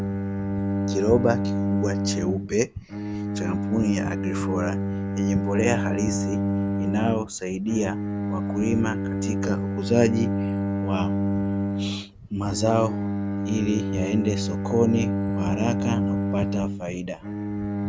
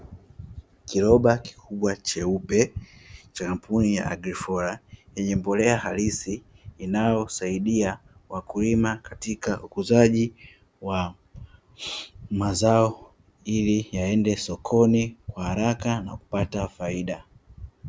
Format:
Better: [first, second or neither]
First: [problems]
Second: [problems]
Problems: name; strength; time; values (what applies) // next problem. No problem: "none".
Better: second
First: background sound (Bowed string instrument); 1 dB above the speech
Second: none